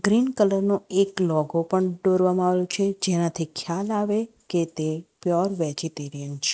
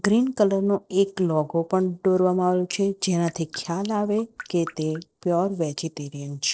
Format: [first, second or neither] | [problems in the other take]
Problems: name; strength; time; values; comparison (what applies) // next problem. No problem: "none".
first | noise reduction (neural separator model SepFormer DNS4)